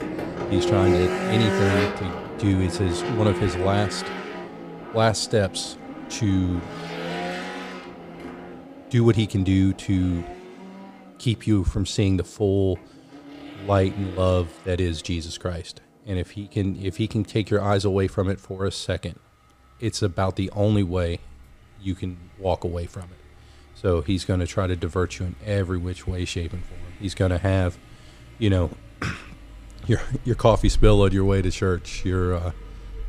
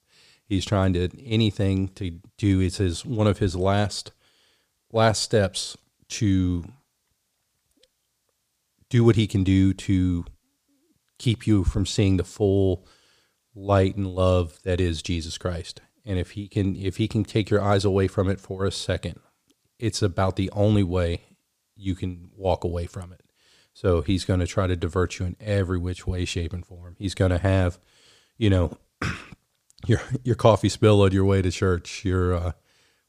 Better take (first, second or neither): second